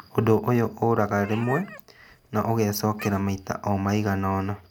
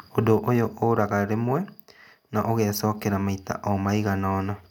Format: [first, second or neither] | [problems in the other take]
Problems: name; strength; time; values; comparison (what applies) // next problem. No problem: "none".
second | background sound (Meow); 18 dB below the speech